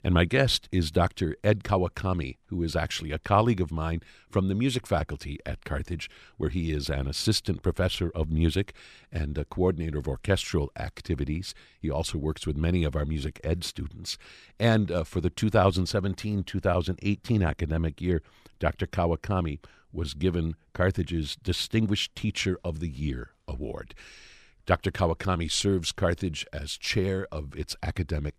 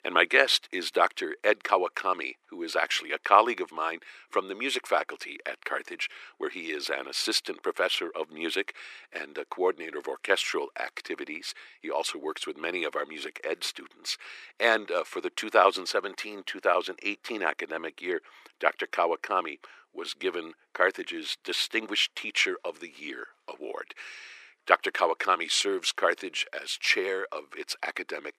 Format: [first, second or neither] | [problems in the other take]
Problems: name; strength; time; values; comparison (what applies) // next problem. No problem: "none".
first | thin; very; fading below 350 Hz